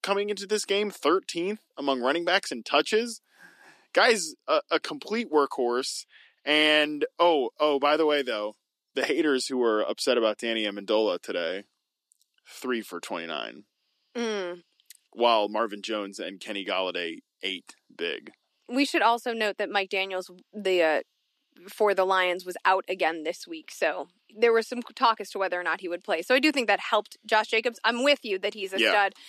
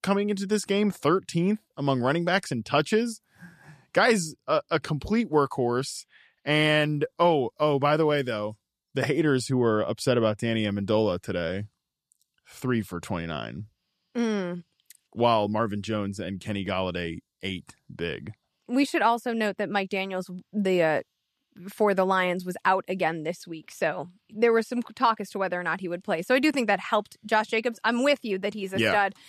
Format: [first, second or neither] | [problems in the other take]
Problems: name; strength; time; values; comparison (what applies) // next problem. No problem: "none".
second | thin; very slightly; fading below 250 Hz